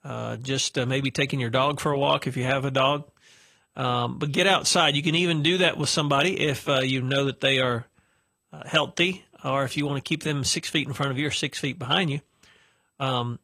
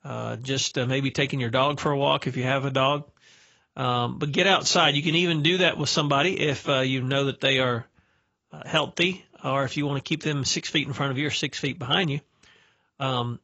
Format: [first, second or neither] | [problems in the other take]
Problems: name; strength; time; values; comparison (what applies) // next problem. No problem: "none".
first | garbled, watery; badly; nothing above 7.5 kHz; slightly in the first